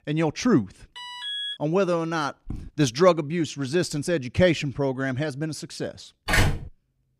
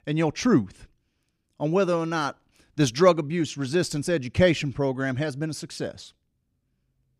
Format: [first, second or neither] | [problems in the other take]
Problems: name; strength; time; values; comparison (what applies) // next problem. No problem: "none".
second | alarm; noticeable; at 1 s; peak 4 dB below the speech // footsteps; faint; at 2.5 s; peak 15 dB below the speech // door banging; loud; at 6.5 s; peak 2 dB above the speech